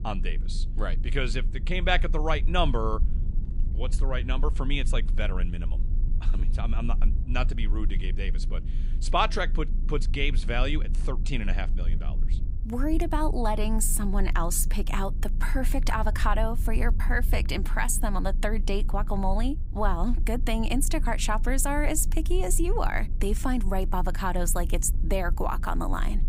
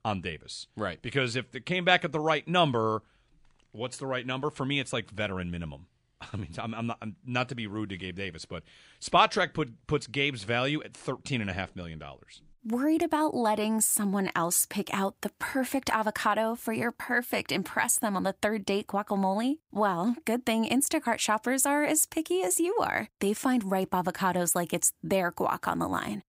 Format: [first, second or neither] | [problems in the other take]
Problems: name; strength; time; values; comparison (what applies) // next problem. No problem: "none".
second | low rumble; noticeable; throughout; 20 dB below the speech